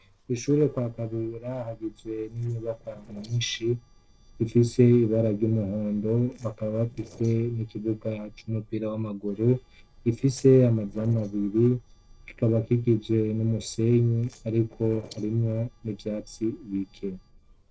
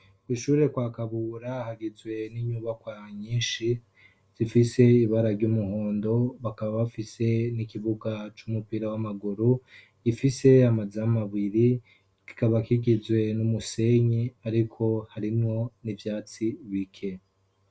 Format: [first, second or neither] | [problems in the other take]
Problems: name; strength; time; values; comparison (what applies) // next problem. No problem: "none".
second | noise reduction (neural separator model SepFormer DNS4)